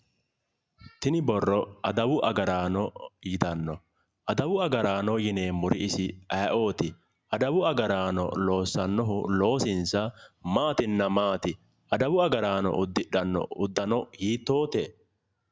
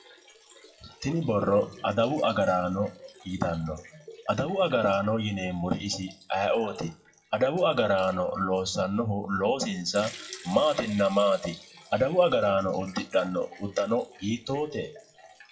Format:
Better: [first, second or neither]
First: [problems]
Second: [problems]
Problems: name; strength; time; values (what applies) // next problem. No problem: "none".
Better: first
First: none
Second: noise reduction (classical method WPE with log-MMSE)